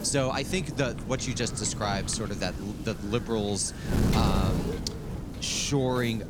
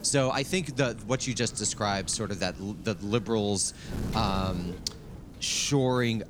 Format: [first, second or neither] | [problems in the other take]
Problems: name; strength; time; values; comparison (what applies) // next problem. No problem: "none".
second | wind noise on the microphone; heavy; 8 dB below the speech; occasional gusts in the second